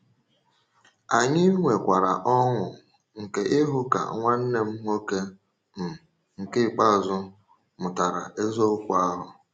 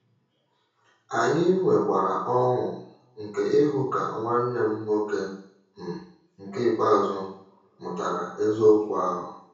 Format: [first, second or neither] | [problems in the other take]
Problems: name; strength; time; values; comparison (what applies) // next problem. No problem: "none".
first | room echo; dies away in 0.6 s